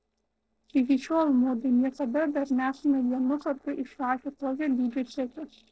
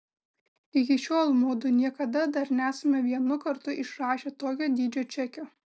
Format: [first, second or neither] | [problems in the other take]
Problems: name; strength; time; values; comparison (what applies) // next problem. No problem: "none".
second | noise reduction (neural separator model SepFormer DNS4)